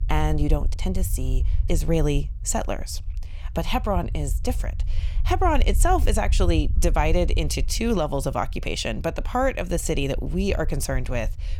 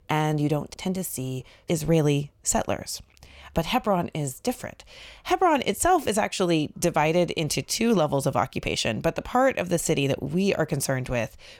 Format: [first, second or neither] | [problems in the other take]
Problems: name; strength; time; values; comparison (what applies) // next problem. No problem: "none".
second | low rumble; faint; throughout; 20 dB below the speech